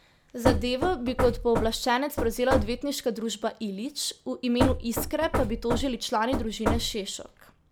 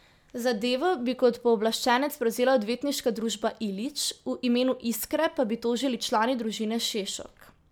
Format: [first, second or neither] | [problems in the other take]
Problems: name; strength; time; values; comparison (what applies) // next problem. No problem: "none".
second | background sound (Knock / Wood); 2 dB below the speech